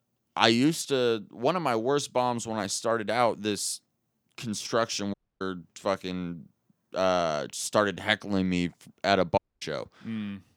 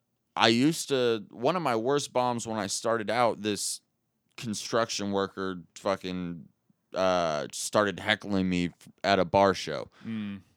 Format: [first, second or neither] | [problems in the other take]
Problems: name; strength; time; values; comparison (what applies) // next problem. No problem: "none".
second | audio cutting out; at 5 s and at 9.5 s